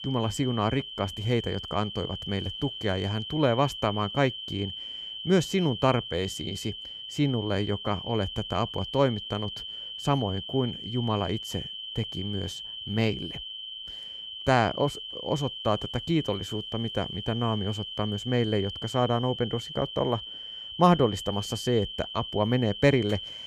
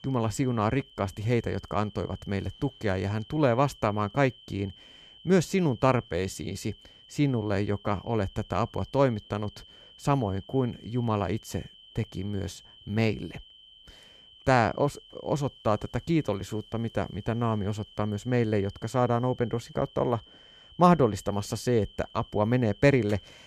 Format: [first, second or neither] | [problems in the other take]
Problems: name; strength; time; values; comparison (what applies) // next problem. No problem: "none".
second | high-pitched whine; loud; throughout; 3 kHz, 8 dB below the speech; faint in the second